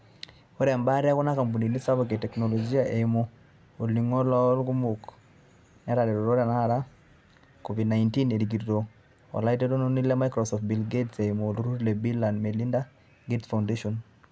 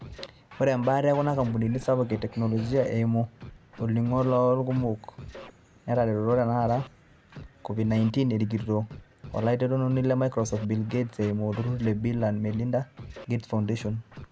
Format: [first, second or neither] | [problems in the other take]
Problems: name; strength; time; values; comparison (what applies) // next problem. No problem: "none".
first | background sound (Scratching (performance technique)); 19 dB below the speech